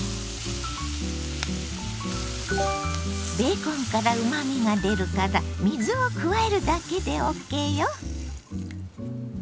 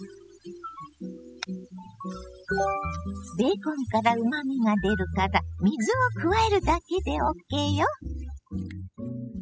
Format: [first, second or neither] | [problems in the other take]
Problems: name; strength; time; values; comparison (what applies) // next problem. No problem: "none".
first | noise reduction (classical method spectral subtraction)